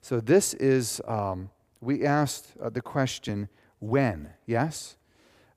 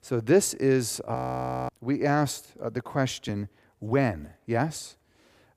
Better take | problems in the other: first | audio freezing; at 1 s for 0.5 s

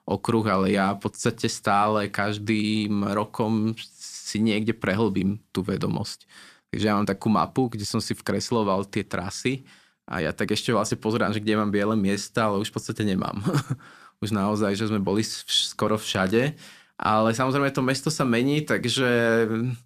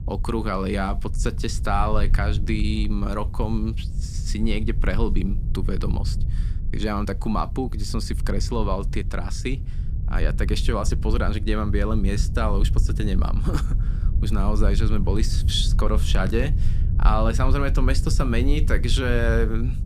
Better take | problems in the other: first | low rumble; noticeable; throughout; 15 dB below the speech

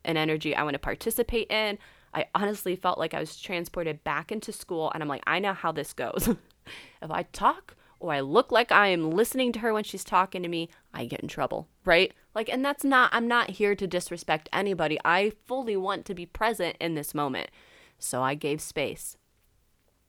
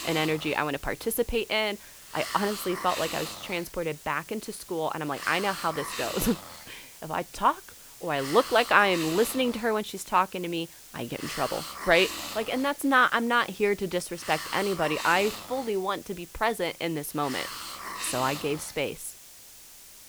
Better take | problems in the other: first | hiss; noticeable; throughout; 10 dB below the speech

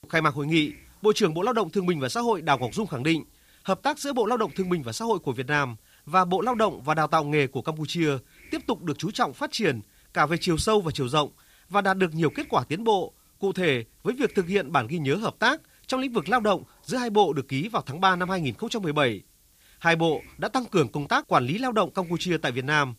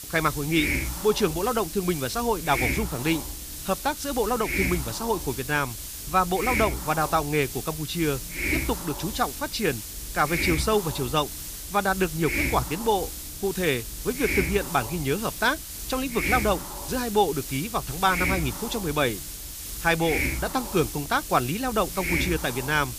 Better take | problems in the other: first | hiss; loud; throughout; 4 dB below the speech; faint in the first

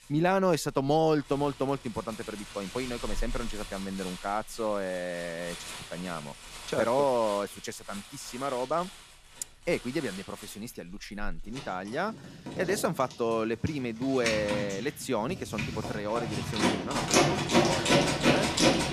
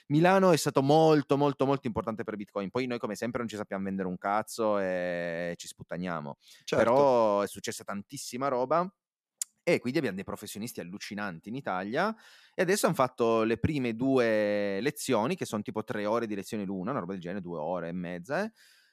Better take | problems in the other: second | household noises; very loud; throughout; 2 dB above the speech

